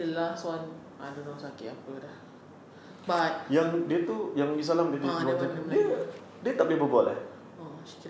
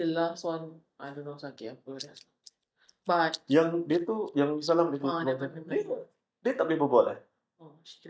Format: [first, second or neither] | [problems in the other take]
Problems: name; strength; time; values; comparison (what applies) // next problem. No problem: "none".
first | noise reduction (neural mask model DeepFilterNet 3)